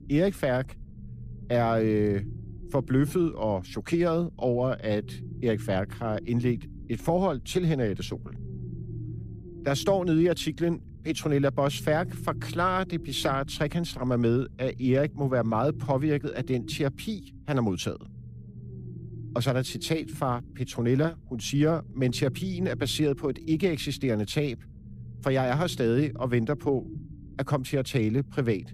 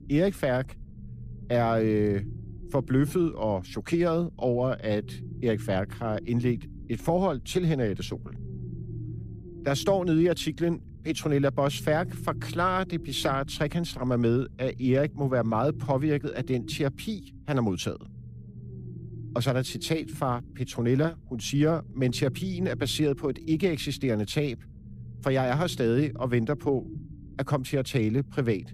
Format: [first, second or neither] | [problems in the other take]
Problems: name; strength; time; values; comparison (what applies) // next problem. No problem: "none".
neither | low rumble; faint; throughout; 20 dB below the speech; the same in both